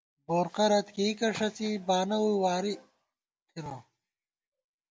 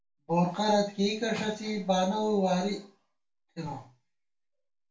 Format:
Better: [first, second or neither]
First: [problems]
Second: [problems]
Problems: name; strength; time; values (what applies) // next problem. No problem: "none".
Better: first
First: none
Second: room echo; dies away in 0.3 s